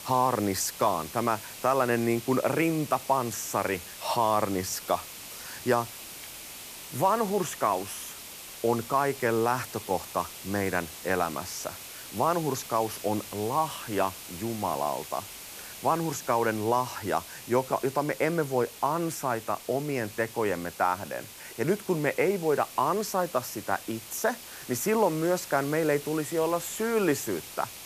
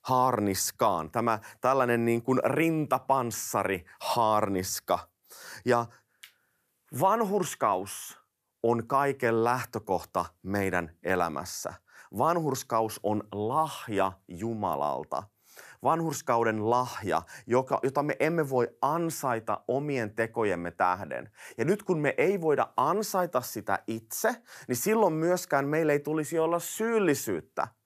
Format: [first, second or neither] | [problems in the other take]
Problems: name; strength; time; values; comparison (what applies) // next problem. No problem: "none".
second | hiss; noticeable; throughout; 10 dB below the speech